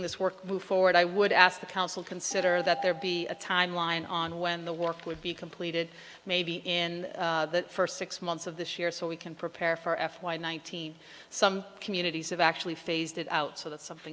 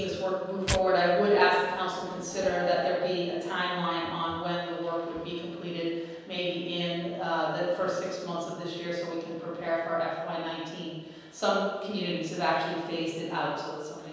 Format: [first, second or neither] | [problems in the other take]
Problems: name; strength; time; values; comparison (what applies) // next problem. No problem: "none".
first | background sound (Tearing); 10 dB below the speech // room echo; dies away in 1.2 s